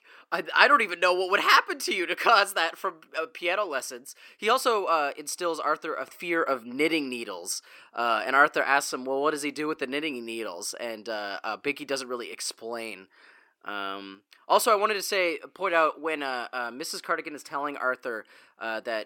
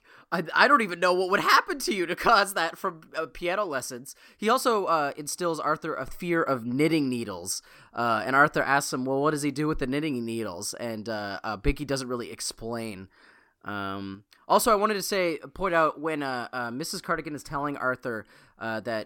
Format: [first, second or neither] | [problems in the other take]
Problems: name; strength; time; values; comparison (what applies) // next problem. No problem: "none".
second | thin; somewhat; fading below 400 Hz